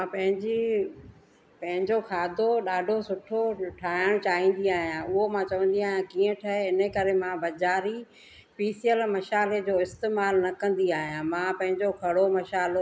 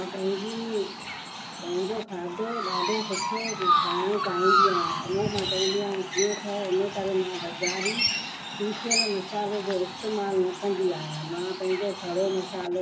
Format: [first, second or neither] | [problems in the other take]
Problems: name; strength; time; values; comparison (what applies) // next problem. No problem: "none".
first | background sound (Chirp, tweet); 1 dB below the speech // room echo; dies away in 0.3 s